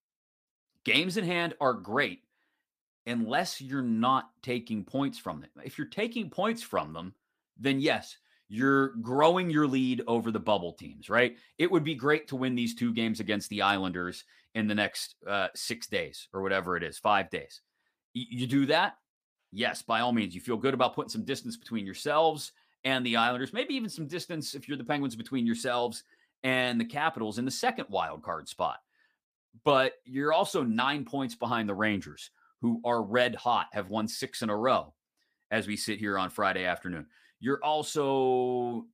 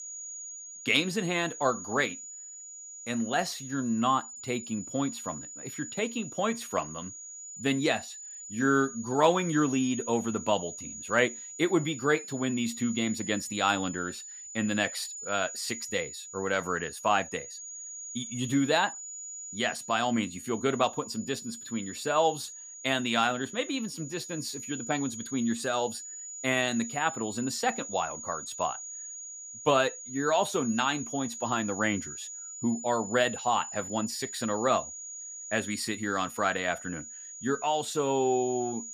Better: first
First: none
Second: high-pitched whine; loud; throughout; 7 kHz, 10 dB below the speech

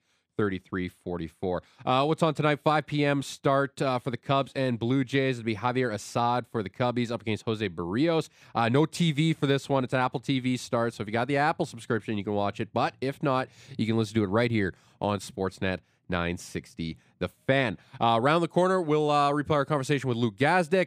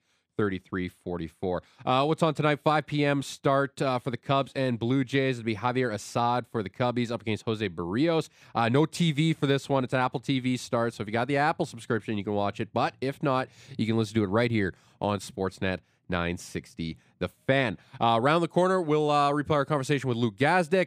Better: neither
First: none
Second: none

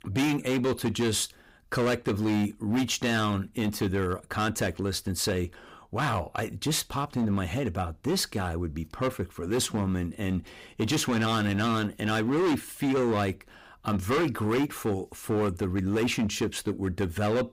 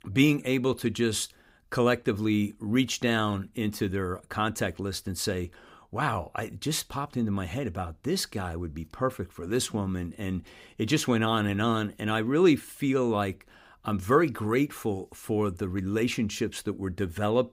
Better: second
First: distortion; heavy; 14% of the sound clipped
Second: none

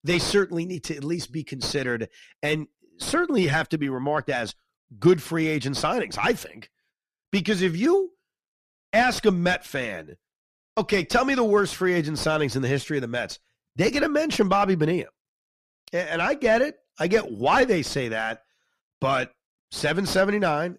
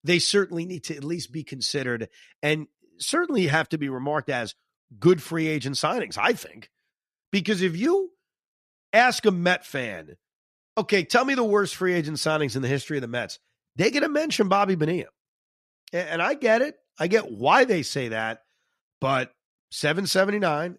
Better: second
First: distortion; slight; 10 dB below the speech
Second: none

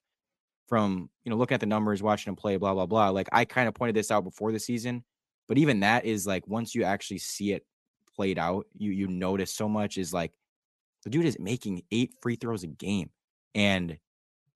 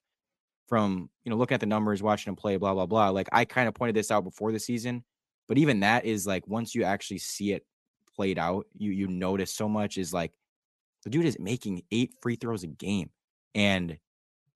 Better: neither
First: none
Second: none

